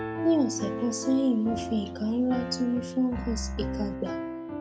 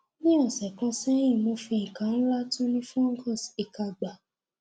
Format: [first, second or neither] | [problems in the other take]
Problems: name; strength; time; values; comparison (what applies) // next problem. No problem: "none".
second | background sound (Piano); 5 dB below the speech